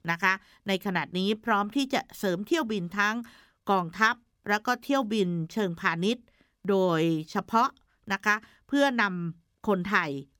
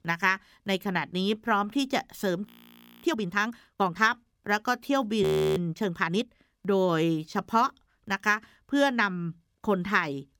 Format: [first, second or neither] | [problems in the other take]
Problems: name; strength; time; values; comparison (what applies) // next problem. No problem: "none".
first | audio freezing; at 2.5 s for 0.5 s and at 5 s